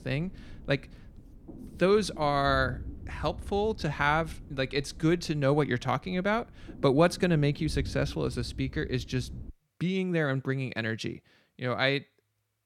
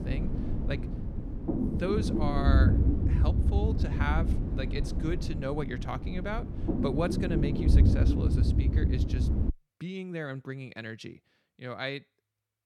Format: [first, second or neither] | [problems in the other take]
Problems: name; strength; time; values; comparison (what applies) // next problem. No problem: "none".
first | low rumble; loud; until 9.5 s; 2 dB below the speech; faint in the first